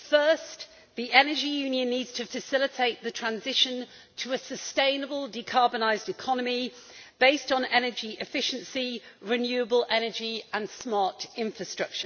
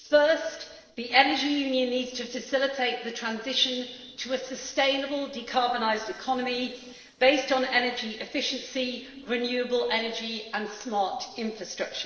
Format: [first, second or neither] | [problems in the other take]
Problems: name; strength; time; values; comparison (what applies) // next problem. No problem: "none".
first | noise reduction (neural separator model SepFormer DNS4)